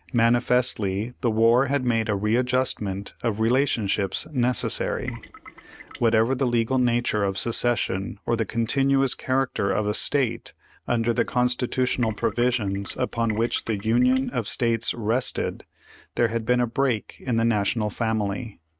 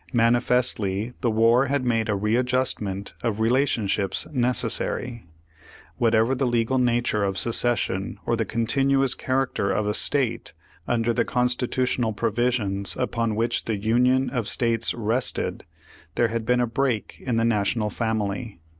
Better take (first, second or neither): second